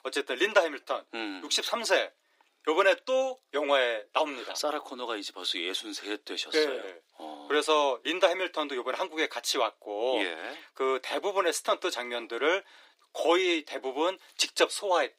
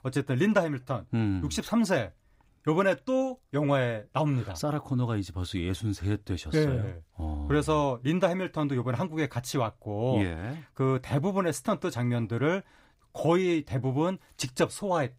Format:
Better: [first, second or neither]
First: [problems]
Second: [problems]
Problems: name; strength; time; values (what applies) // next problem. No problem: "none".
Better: second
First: thin; very; fading below 350 Hz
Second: none